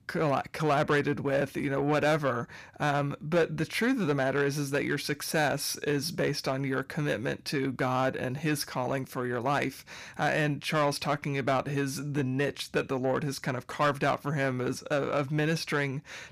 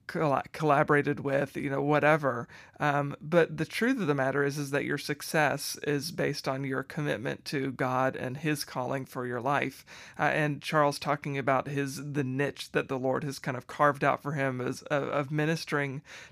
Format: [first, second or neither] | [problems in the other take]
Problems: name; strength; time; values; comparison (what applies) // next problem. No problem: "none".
second | distortion; slight; 10 dB below the speech